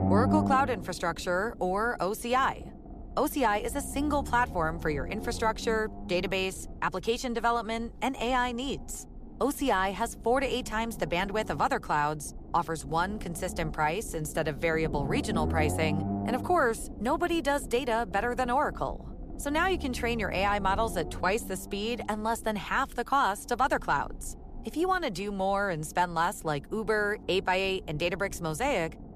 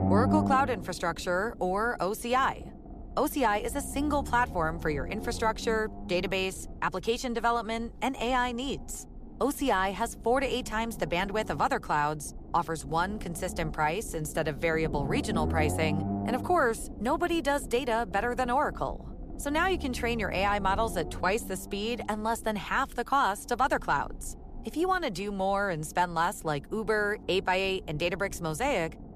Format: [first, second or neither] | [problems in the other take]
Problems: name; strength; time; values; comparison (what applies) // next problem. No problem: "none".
neither | low rumble; noticeable; throughout; 15 dB below the speech; the same in both